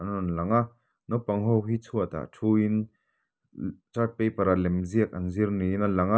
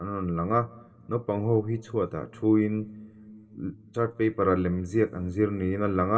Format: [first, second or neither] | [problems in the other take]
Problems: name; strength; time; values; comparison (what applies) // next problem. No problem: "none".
first | room echo; dies away in 2.3 s